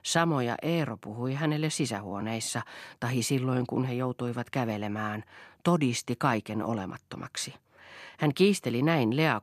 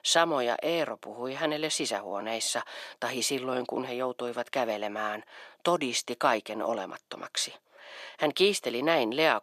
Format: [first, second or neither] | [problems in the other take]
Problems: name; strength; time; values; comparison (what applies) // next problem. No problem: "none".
first | thin; somewhat; fading below 450 Hz